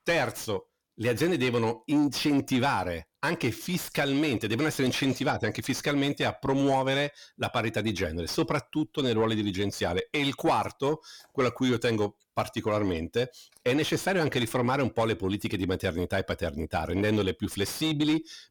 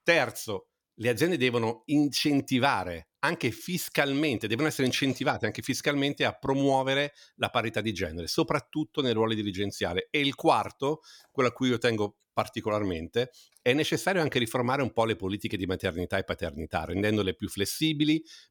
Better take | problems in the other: second | distortion; slight; 10 dB below the speech

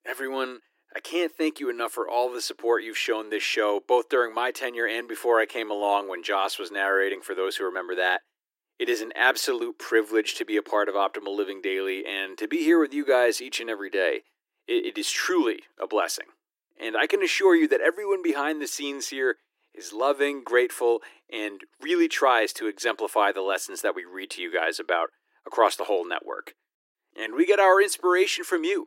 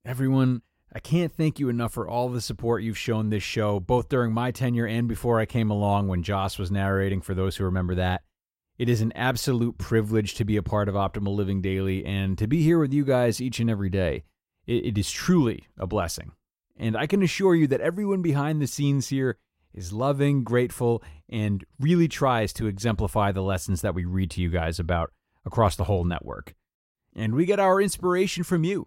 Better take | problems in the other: second | thin; very; fading below 300 Hz

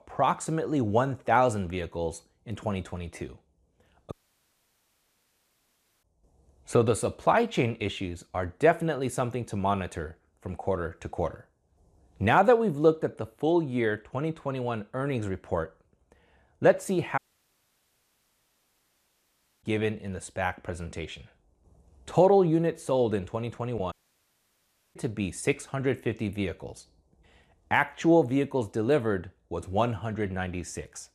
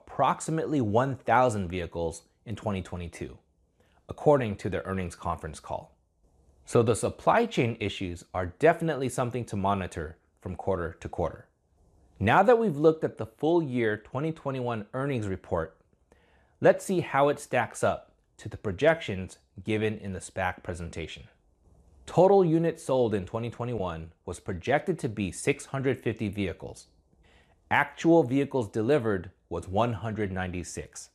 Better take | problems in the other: second | audio cutting out; at 4 s for 2 s, at 17 s for 2.5 s and at 24 s for 1 s

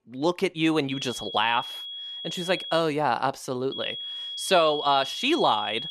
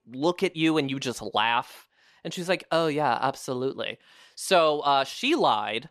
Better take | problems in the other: second | high-pitched whine; loud; from 1 to 3 s and from 3.5 s on; 3.5 kHz, 8 dB below the speech

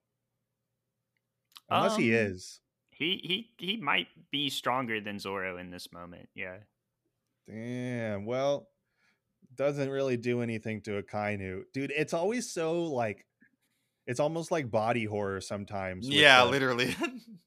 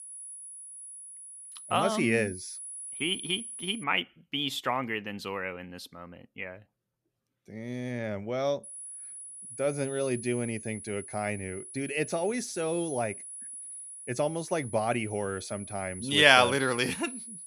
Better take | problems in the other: first | high-pitched whine; noticeable; until 4 s and from 8.5 s on; 10 kHz, 10 dB below the speech

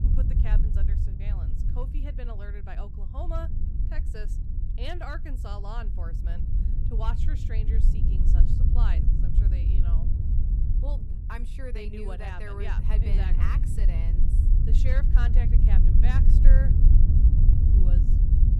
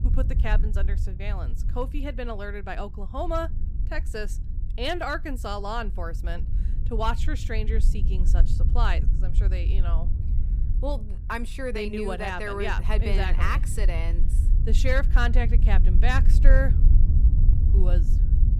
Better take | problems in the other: second | wind noise on the microphone; heavy; 1 dB below the speech; occasional gusts in the second

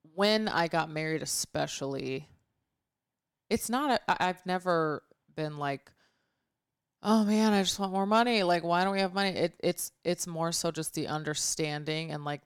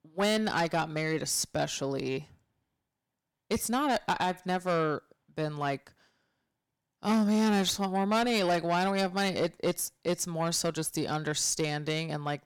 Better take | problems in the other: first | distortion; slight; 10 dB below the speech

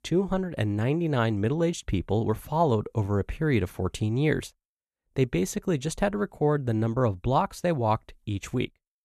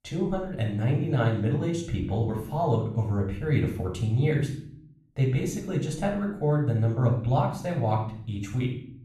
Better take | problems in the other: first | off-mic speech; far // room echo; noticeable; dies away in 0.6 s

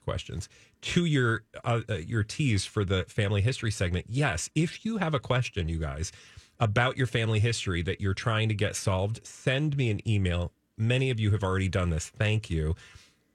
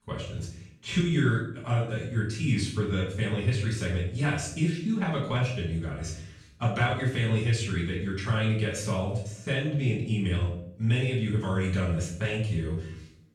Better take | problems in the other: first | off-mic speech; far // room echo; noticeable; dies away in 0.6 s

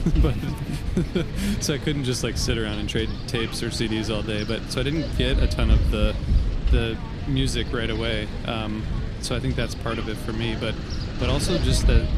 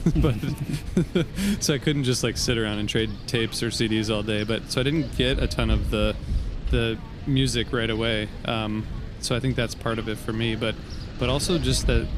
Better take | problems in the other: second | wind noise on the microphone; heavy; 7 dB below the speech; occasional gusts in the second

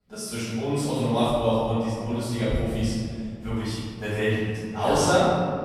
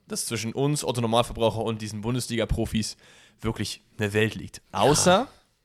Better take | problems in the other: second | room echo; strong; dies away in 2.2 s // off-mic speech; far

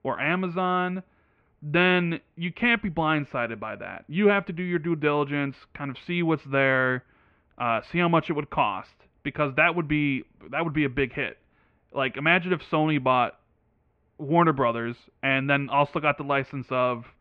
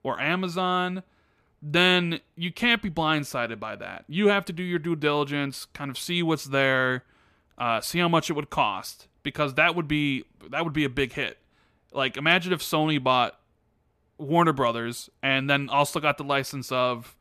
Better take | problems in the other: second | muffled; very; fading above 2.5 kHz

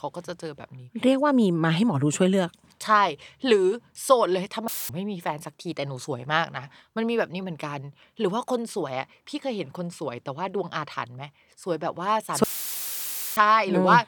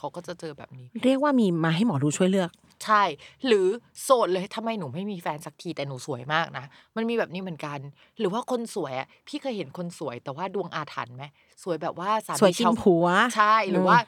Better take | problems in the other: second | audio cutting out; filled with static; at 4.5 s and at 12 s for 1 s

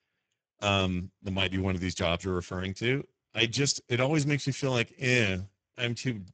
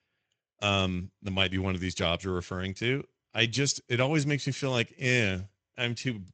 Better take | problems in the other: second | garbled, watery; badly; nothing above 7.5 kHz; slightly in the second

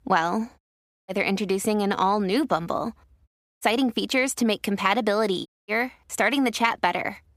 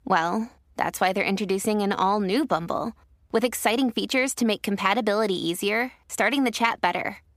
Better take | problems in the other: second | audio cutting out; at 0.5 s, at 3.5 s and at 5.5 s

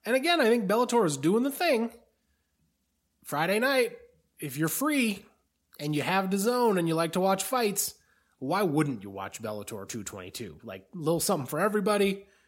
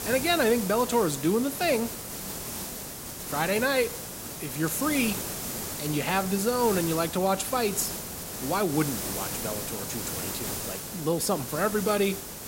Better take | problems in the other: first | hiss; loud; throughout; 6 dB below the speech

